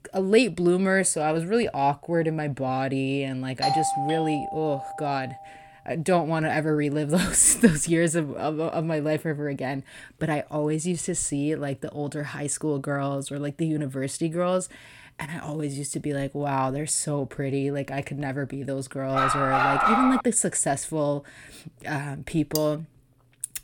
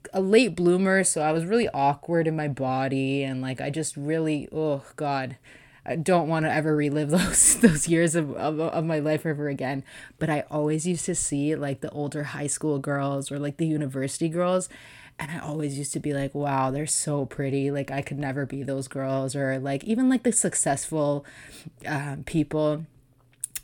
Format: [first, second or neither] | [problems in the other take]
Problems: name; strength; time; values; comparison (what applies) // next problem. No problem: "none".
second | doorbell; loud; from 3.5 to 5 s; peak 1 dB above the speech // dog barking; loud; from 19 to 20 s; peak 5 dB above the speech // clattering dishes; very faint; at 23 s; peak 8 dB below the speech